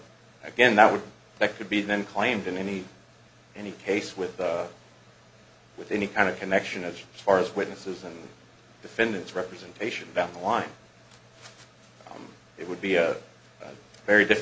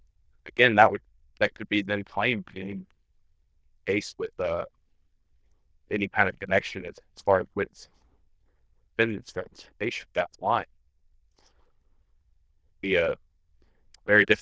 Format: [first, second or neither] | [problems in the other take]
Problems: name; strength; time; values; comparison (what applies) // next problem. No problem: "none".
first | noise reduction (neural diffusion model UNIVERSE++)